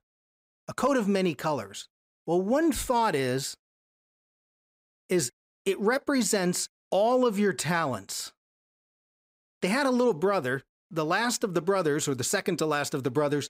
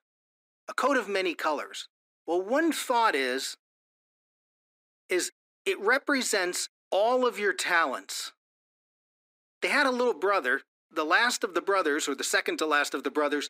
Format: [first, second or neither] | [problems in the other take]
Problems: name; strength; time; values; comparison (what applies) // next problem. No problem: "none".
first | thin; somewhat; fading below 300 Hz